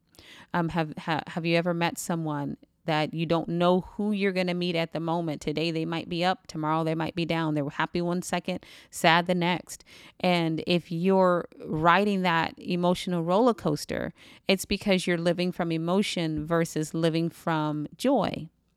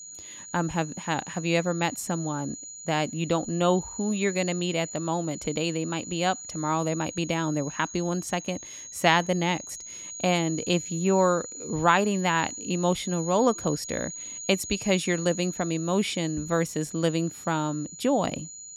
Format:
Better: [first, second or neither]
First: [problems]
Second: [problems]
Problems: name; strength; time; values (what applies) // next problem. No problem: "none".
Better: first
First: none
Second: high-pitched whine; noticeable; throughout; 7 kHz, 10 dB below the speech